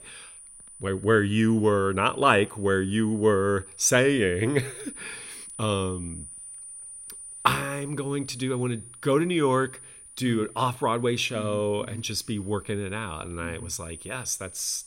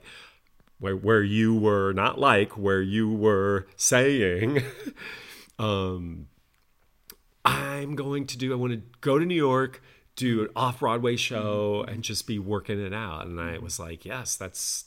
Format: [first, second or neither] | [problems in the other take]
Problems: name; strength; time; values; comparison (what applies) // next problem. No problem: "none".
second | high-pitched whine; noticeable; throughout; 9.5 kHz, 15 dB below the speech